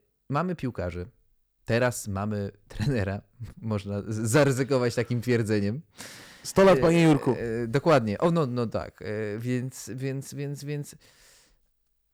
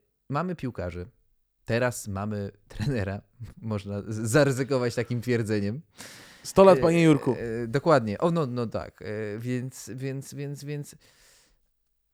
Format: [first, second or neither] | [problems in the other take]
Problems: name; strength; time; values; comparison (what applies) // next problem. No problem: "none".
second | distortion; slight; 1.7% of the sound clipped